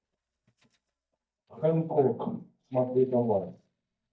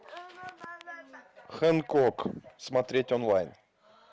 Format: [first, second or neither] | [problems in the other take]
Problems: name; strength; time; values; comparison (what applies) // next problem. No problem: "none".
second | noise reduction (neural mask model DeepFilterNet 3)